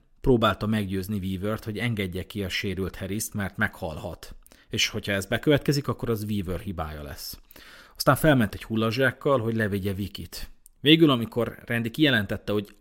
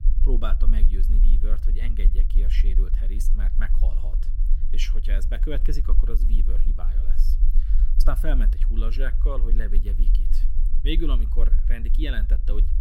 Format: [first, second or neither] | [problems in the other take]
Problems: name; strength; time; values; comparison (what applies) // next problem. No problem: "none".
first | low rumble; noticeable; throughout; 10 dB below the speech